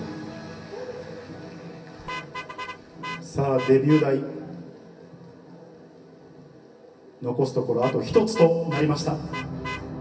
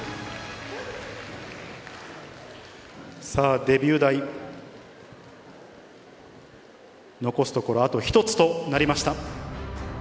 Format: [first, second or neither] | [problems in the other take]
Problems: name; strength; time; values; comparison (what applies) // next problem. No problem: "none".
second | background sound (Vehicle horn, car horn, honking); 14 dB below the speech // room echo; dies away in 0.3 s